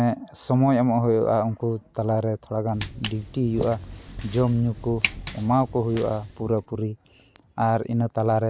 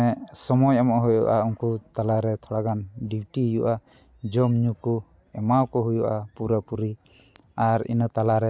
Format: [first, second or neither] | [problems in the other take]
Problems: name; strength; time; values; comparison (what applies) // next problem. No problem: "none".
second | background sound (Walk, footsteps); 11 dB below the speech